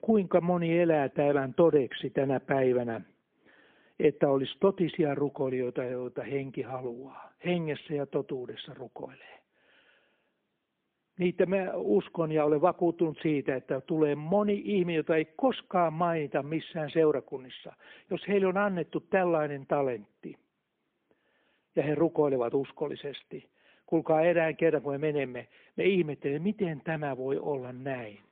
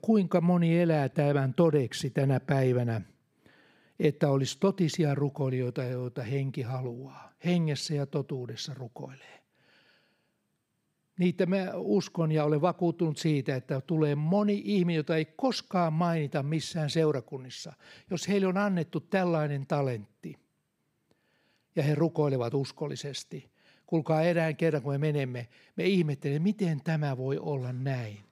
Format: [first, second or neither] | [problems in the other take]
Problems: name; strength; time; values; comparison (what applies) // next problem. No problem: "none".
second | phone-call audio; poor line